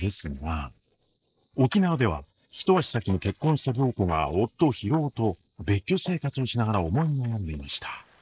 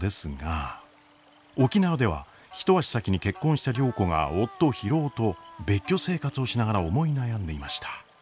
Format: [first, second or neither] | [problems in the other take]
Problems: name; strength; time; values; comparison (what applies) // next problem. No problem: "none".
second | noise reduction (neural mask model Resemble Enhance denoiser)